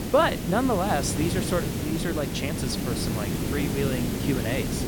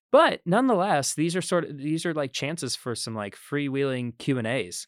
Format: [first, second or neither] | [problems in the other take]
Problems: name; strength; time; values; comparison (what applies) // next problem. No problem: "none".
second | hiss; loud; throughout; 1 dB below the speech